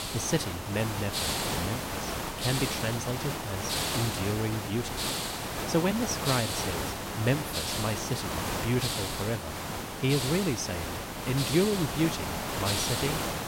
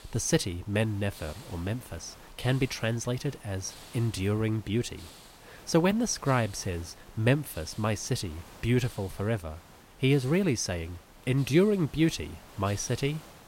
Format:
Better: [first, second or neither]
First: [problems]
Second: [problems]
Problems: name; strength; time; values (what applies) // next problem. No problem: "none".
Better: second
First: hiss; loud; throughout; as loud as the speech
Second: hiss; faint; throughout; 20 dB below the speech